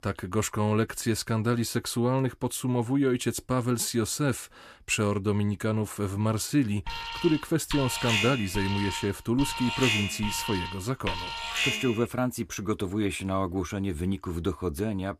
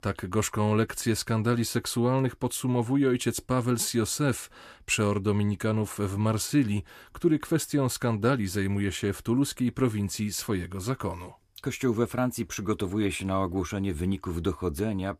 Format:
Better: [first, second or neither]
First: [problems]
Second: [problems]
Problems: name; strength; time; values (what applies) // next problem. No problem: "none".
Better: second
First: alarm; loud; from 7 to 12 s; peak 2 dB above the speech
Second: none